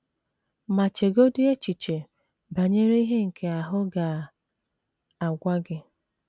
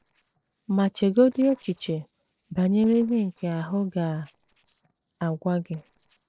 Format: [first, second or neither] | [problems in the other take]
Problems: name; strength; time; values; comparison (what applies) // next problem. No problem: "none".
first | noise reduction (neural separator model SepFormer DNS4)